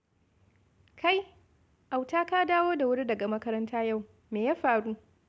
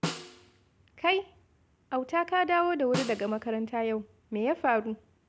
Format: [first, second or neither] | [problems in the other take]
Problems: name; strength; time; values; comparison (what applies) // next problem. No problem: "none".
first | background sound (Snare drum); 11 dB below the speech